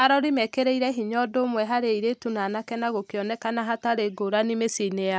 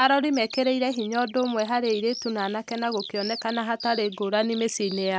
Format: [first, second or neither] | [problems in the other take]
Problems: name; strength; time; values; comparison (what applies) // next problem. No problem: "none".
first | background sound (Bird vocalization, bird call, bird song); 14 dB below the speech